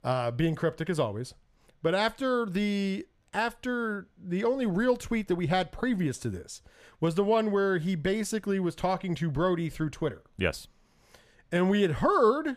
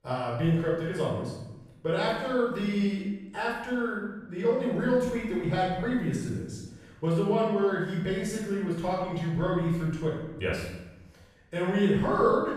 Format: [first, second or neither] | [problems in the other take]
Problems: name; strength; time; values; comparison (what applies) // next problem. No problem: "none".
first | off-mic speech; far // room echo; strong; dies away in 0.9 s